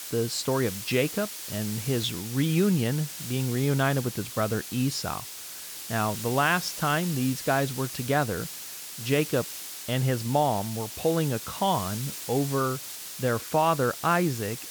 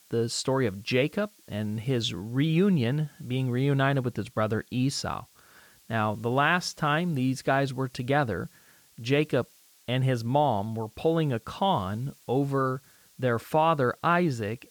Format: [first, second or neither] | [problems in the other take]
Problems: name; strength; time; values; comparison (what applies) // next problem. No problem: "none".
second | hiss; loud; throughout; 8 dB below the speech; faint in the second